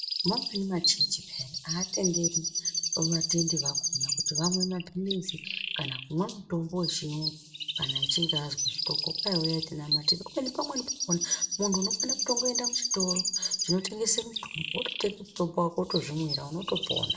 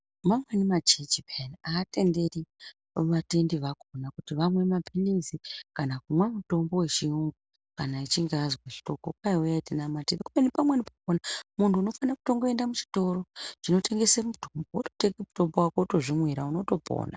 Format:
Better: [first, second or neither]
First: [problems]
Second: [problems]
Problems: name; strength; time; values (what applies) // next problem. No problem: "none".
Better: second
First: background sound (Chirp, tweet); as loud as the speech // room echo; dies away in 0.4 s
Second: none